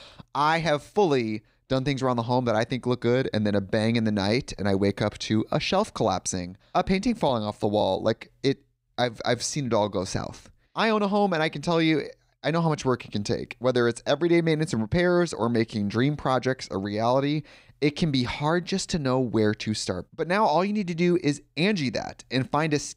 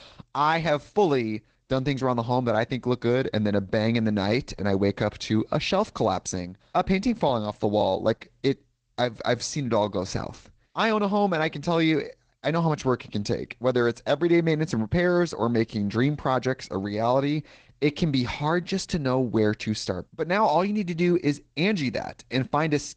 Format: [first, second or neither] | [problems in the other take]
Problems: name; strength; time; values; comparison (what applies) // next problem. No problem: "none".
first | garbled, watery; slightly